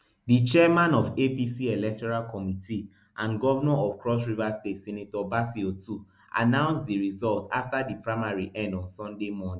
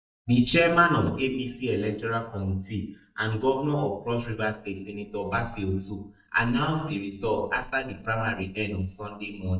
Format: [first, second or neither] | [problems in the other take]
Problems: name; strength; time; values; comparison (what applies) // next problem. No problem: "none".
first | noise reduction (neural mask model DeepFilterNet 3)